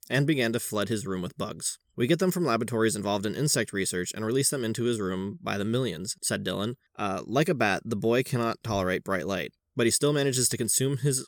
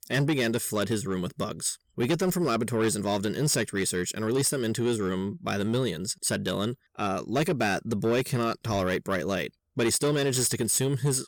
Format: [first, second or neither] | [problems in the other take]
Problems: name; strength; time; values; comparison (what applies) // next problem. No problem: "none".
first | distortion; slight; 10 dB below the speech